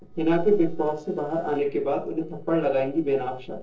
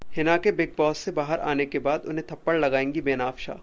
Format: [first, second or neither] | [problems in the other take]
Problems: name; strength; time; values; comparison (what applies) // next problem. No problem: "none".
second | noise reduction (neural separator model SepFormer DNS4)